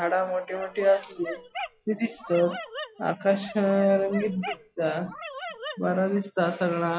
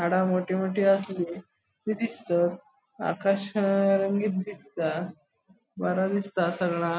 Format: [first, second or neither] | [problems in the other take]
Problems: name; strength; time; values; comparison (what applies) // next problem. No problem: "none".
second | noise reduction (classical method log-MMSE)